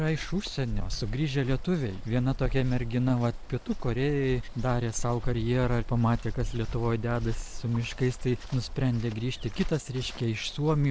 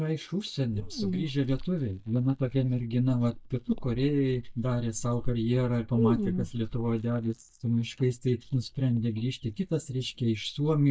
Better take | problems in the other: first | noise reduction (neural mask model DeepFilterNet 3)

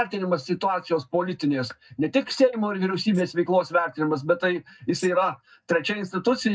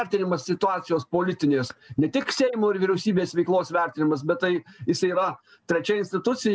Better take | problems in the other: second | noise reduction (neural mask model DeepFilterNet 3)

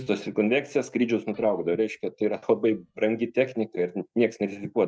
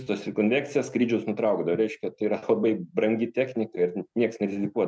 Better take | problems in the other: second | noise reduction (neural mask model DeepFilterNet 3)

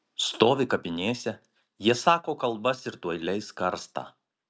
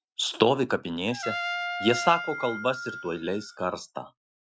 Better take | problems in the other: first | noise reduction (classical method Wiener filter)

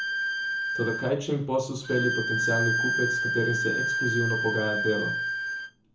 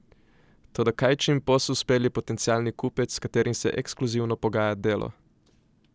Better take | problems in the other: second | background sound (Bowed string instrument); 1 dB above the speech // room echo; dies away in 0.5 s

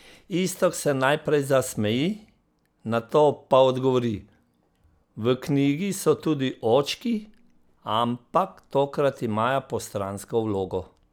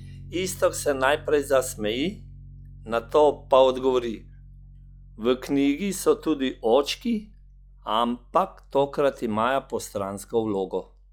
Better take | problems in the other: first | noise reduction (classical method log-MMSE)

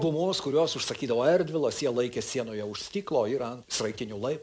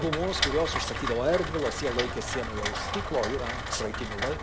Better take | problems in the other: first | background sound (Rain); 2 dB below the speech

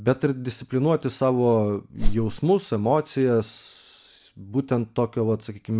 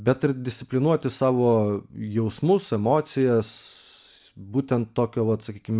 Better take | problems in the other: second | background sound (Whoosh, swoosh, swish); 4 dB above the speech

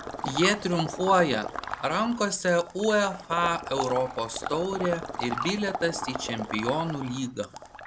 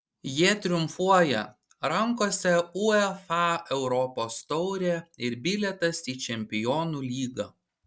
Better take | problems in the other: second | background sound (Water / Liquid); 8 dB below the speech

